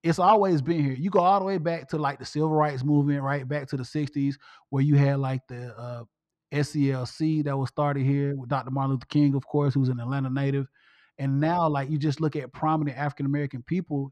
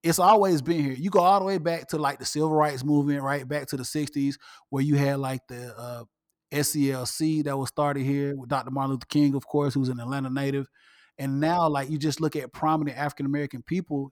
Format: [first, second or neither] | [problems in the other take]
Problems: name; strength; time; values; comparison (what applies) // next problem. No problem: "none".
second | muffled; very slightly; fading above 3.5 kHz